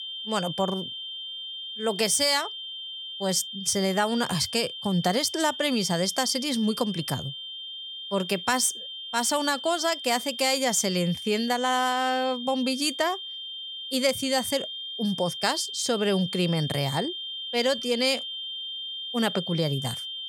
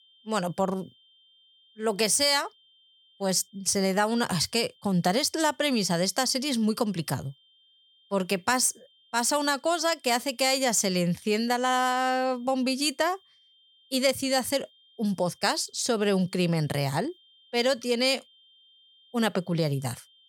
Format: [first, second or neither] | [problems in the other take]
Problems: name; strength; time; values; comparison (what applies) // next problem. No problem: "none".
second | high-pitched whine; loud; throughout; 3 kHz, 8 dB below the speech; faint in the second